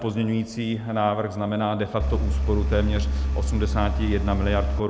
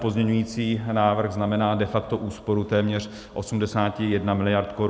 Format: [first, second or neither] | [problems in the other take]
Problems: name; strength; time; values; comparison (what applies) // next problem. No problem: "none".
second | background sound (Engine); 2 dB above the speech